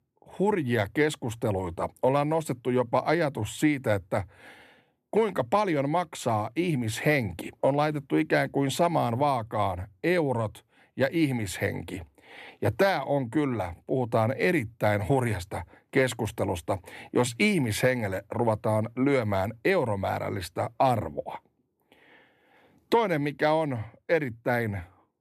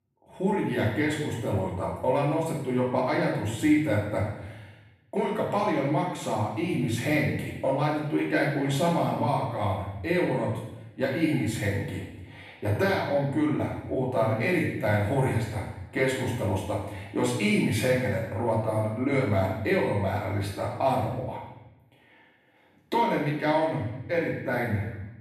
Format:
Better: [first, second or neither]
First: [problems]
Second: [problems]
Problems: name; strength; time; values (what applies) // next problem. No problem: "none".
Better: first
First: none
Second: off-mic speech; far // room echo; noticeable; dies away in 0.9 s